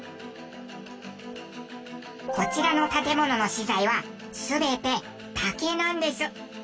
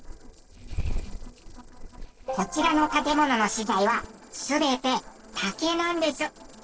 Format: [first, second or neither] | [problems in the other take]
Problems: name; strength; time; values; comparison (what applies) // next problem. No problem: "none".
first | noise reduction (neural separator model SepFormer DNS4)